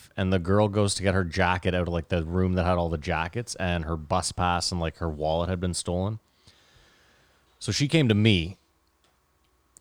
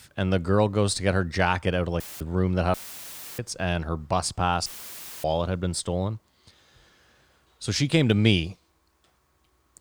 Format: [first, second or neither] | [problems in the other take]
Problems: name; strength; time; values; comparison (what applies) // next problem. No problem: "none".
first | audio cutting out; filled with static; at 2 s, at 2.5 s for 0.5 s and at 4.5 s for 0.5 s